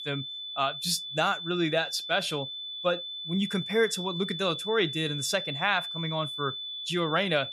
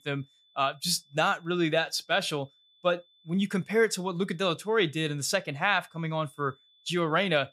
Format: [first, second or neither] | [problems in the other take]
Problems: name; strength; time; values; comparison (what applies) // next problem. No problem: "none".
second | high-pitched whine; loud; throughout; 3.5 kHz, 5 dB below the speech; faint in the second